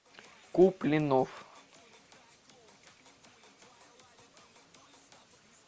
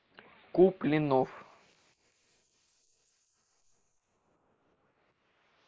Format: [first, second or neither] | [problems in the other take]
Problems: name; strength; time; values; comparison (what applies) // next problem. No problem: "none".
first | noise reduction (neural mask model Resemble Enhance denoiser)